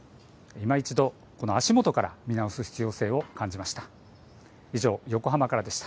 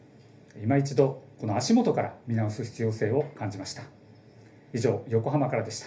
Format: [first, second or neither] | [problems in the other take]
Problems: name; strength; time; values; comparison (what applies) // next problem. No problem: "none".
first | room echo; dies away in 0.3 s